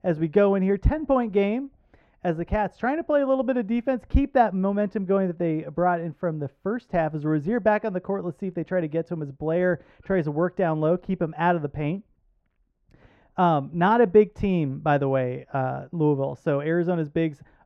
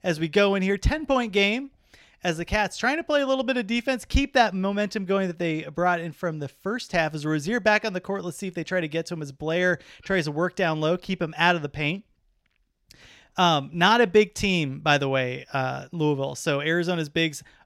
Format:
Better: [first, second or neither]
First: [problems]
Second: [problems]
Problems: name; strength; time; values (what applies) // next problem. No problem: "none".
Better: second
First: muffled; very; fading above 2.5 kHz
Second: none